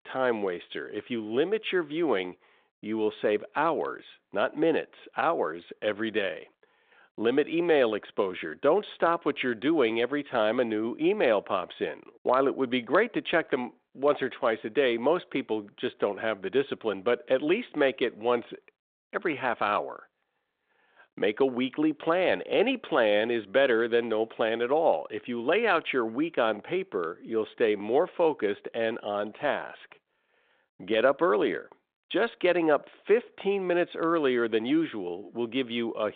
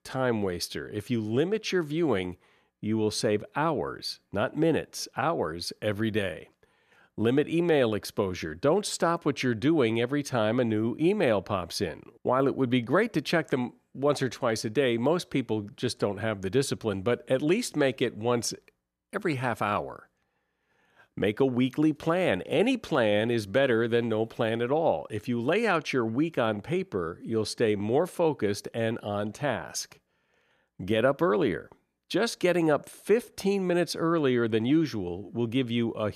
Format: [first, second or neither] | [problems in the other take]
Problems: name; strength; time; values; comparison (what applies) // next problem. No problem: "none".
second | phone-call audio